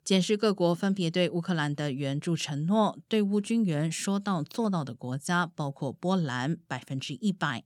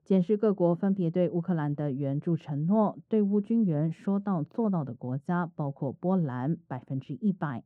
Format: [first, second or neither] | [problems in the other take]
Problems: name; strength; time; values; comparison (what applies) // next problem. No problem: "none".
first | muffled; very; fading above 2 kHz